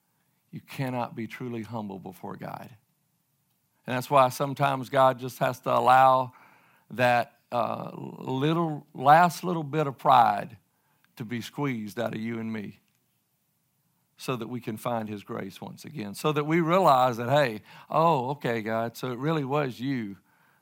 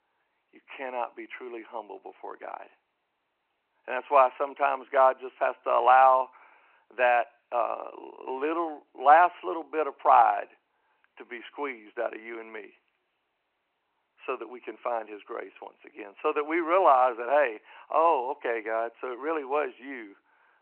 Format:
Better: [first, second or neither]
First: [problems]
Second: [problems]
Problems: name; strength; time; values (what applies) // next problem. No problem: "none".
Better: first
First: none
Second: phone-call audio